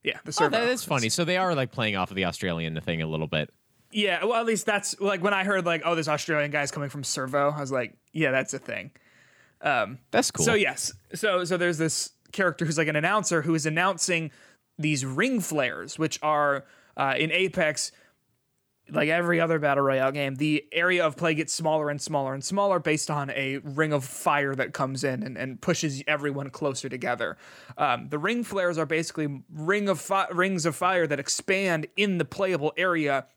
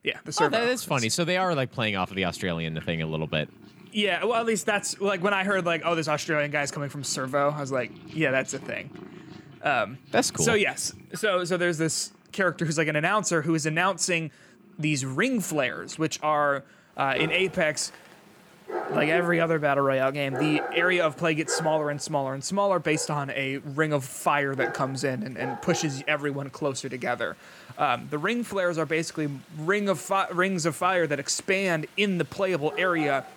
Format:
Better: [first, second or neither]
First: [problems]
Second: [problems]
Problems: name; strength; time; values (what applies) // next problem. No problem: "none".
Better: first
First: none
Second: animal sounds; noticeable; throughout; 15 dB below the speech